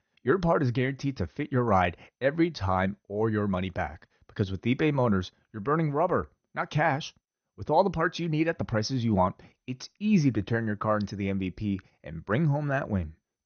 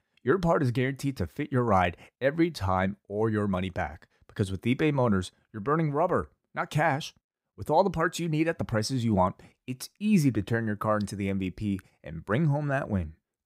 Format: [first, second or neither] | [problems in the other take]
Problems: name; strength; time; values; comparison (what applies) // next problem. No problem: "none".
second | garbled, watery; slightly; nothing above 6.5 kHz